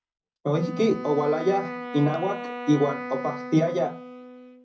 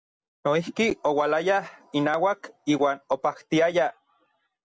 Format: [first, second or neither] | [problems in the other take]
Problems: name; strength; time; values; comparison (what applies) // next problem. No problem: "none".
second | background sound (Wind instrument, woodwind instrument); 10 dB below the speech // room echo; dies away in 0.4 s